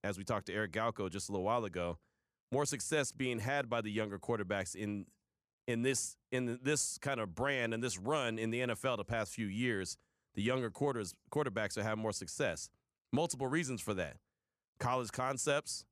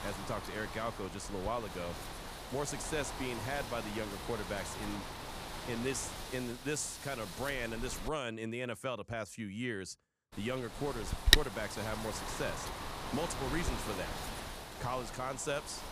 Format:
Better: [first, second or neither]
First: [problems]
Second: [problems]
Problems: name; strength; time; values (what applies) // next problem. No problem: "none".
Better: first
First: none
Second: wind noise on the microphone; heavy; until 8 s and from 10 s on; 1 dB above the speech